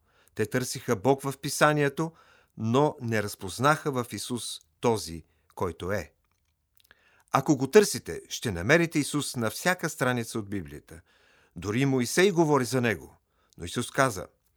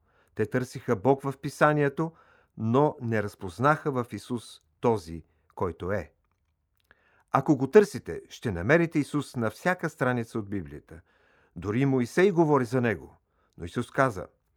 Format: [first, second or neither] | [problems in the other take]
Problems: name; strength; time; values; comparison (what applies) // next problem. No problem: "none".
first | muffled; slightly; fading above 2.5 kHz